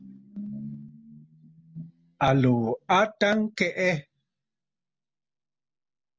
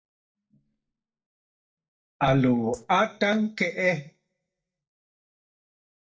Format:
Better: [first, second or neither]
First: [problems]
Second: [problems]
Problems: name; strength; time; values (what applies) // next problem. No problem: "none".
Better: first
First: none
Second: noise reduction (neural mask model DeepFilterNet 3)